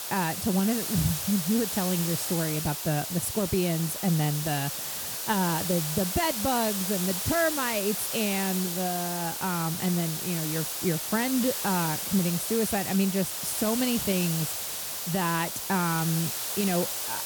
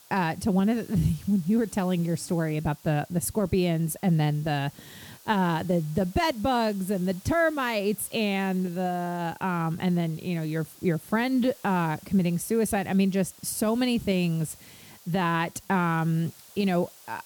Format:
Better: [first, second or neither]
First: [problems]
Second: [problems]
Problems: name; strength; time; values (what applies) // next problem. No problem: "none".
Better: second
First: hiss; loud; throughout; 2 dB below the speech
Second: hiss; faint; throughout; 20 dB below the speech